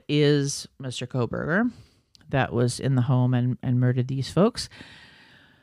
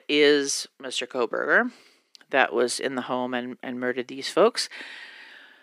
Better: first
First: none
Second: thin; somewhat; fading below 300 Hz

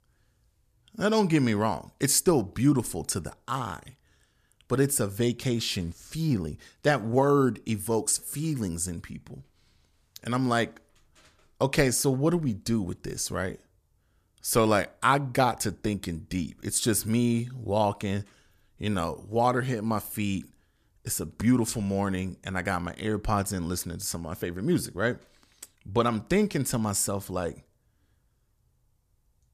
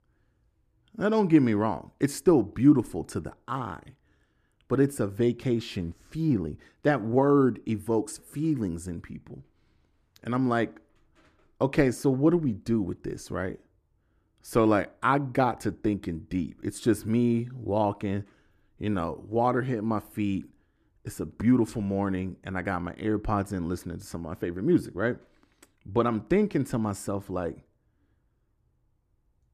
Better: first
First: none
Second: muffled; slightly; fading above 3 kHz

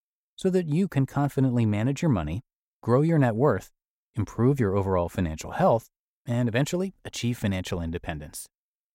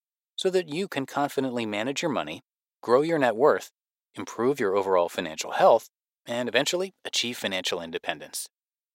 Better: first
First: none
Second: thin; somewhat; fading below 450 Hz

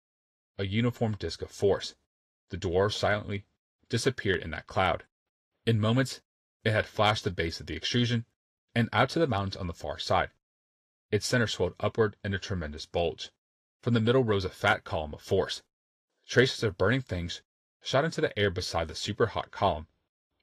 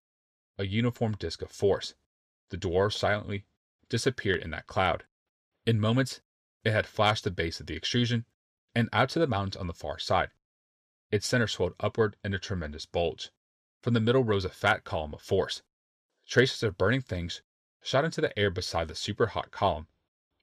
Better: second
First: garbled, watery; slightly; nothing above 14.5 kHz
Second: none

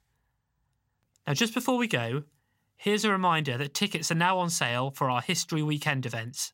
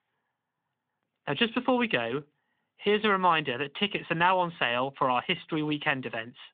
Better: first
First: none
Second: phone-call audio

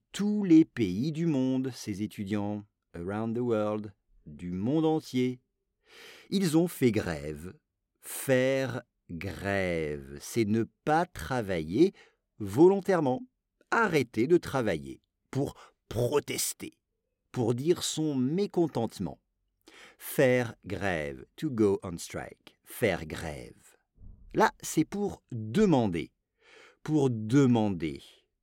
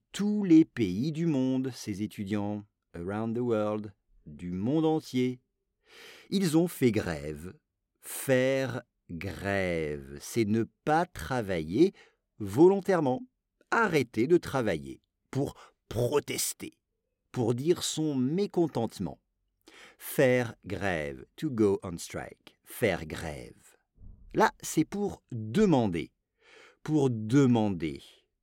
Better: neither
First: none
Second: none

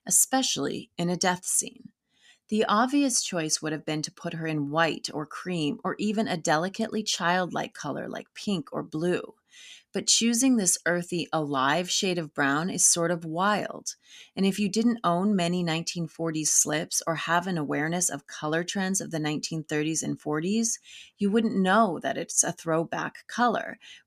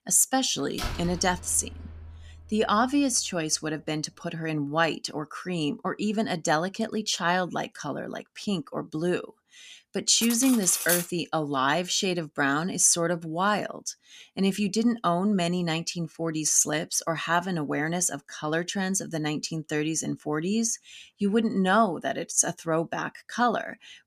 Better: first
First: none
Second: door banging; noticeable; from 1 to 2.5 s; peak 7 dB below the speech // clattering dishes; loud; at 10 s; peak level with the speech

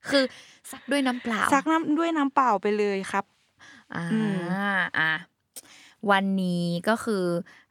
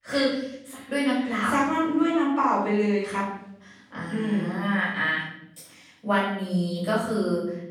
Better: first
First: none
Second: room echo; noticeable; dies away in 0.8 s // off-mic speech; far

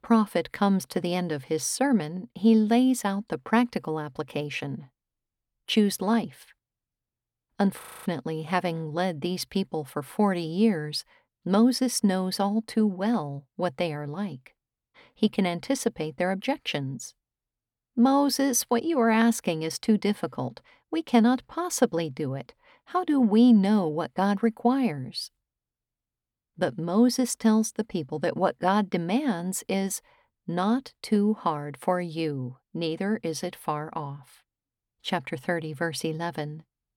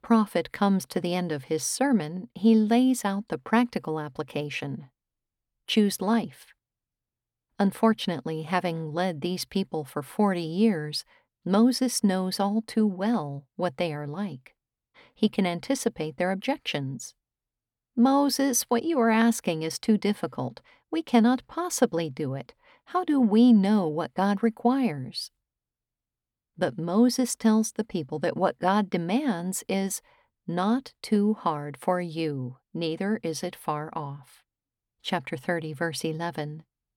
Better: second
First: audio freezing; at 8 s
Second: none

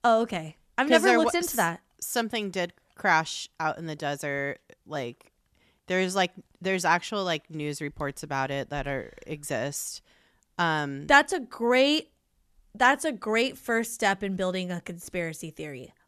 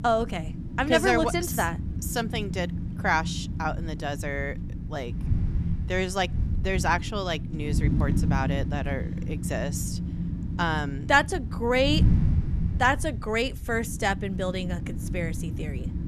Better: first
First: none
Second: wind noise on the microphone; occasional gusts; 15 dB below the speech

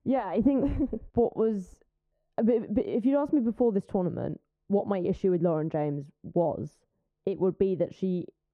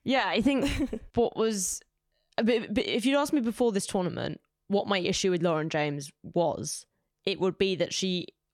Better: second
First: muffled; very; fading above 2 kHz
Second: none

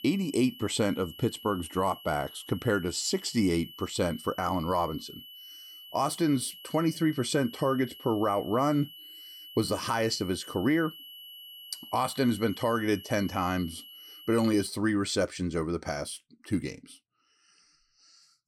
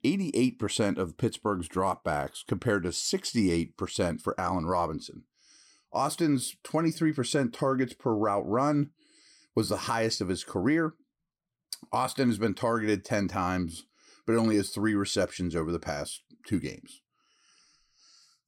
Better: second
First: high-pitched whine; noticeable; until 15 s; 3 kHz, 15 dB below the speech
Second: none

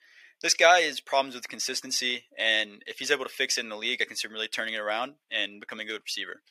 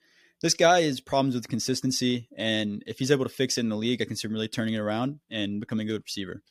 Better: second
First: thin; very; fading below 700 Hz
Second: none

